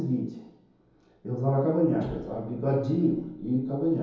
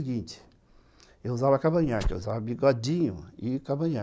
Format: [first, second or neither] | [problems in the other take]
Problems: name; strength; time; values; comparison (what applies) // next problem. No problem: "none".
second | room echo; dies away in 2.2 s